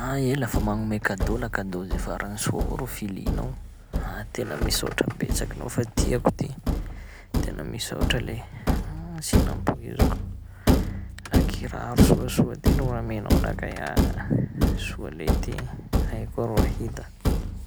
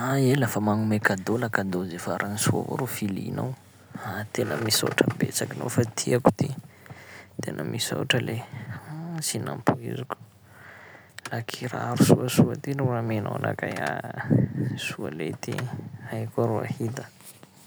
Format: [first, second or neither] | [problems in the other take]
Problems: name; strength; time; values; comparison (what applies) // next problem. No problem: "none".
second | background sound (Thump, thud); 3 dB above the speech